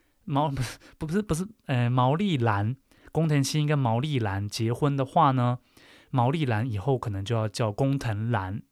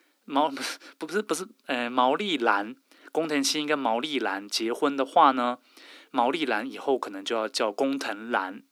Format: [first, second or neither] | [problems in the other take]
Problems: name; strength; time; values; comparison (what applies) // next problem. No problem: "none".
first | thin; somewhat; fading below 250 Hz